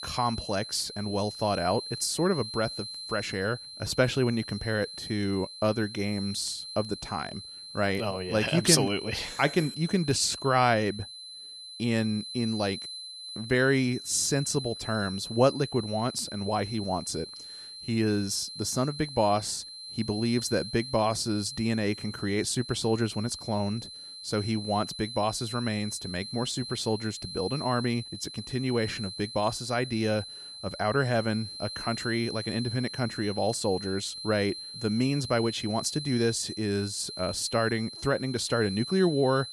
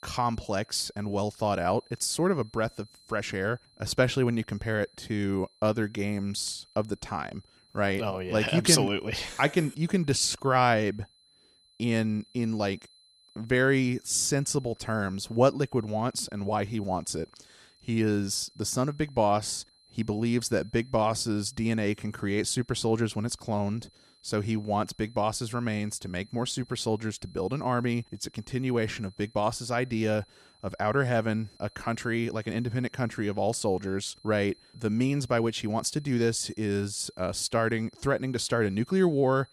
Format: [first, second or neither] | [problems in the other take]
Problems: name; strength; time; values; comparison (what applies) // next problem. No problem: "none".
second | high-pitched whine; loud; throughout; 4 kHz, 9 dB below the speech; faint in the second